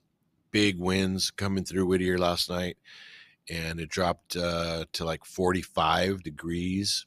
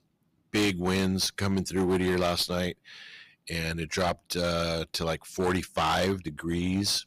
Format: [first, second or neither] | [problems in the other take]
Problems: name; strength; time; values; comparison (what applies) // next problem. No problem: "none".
first | distortion; slight; 9% of the sound clipped